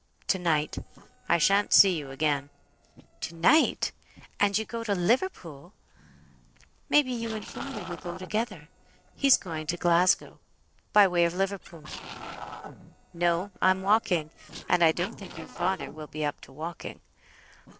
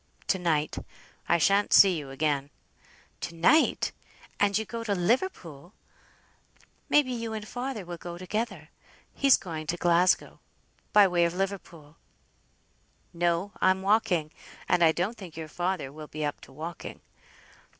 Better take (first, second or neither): second